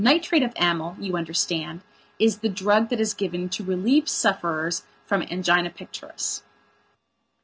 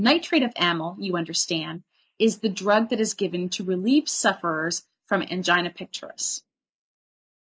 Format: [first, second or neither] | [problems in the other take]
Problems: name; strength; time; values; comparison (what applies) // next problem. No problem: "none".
first | noise reduction (neural mask model Resemble Enhance denoiser)